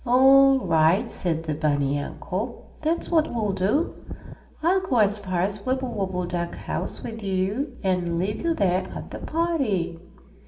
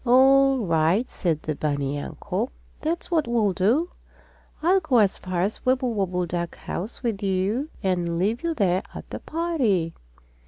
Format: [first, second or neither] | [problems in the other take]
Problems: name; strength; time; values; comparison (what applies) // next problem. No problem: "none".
second | background sound (Wind); 12 dB below the speech // room echo; dies away in 0.6 s